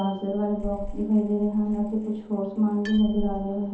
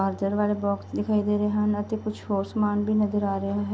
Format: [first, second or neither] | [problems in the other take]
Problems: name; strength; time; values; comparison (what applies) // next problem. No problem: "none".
second | background sound (Bicycle bell); 12 dB below the speech // room echo; dies away in 0.6 s